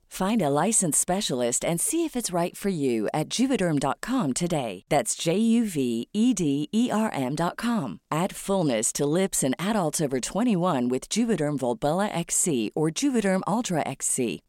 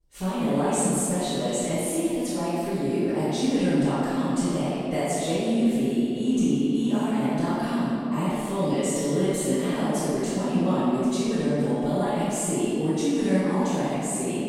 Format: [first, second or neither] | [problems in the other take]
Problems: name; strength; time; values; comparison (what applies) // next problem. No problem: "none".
first | off-mic speech; far // room echo; strong; dies away in 2.6 s